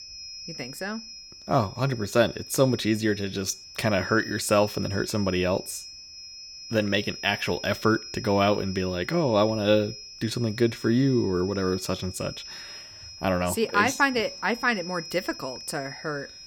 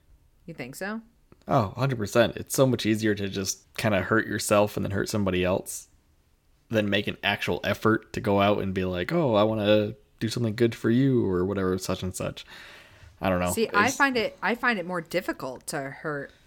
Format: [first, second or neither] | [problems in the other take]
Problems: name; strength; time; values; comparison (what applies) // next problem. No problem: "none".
second | high-pitched whine; noticeable; throughout; 5 kHz, 15 dB below the speech